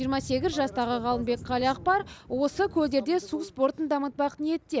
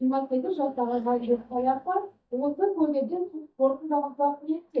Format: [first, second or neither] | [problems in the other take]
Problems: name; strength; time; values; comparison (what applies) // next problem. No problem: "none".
first | noise reduction (neural mask model DeepFilterNet 3)